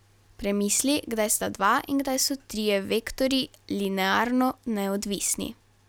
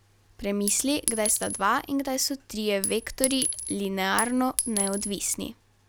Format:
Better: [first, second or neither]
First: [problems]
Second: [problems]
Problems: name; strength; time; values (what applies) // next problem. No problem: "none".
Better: first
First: none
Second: background sound (Chink, clink); 4 dB below the speech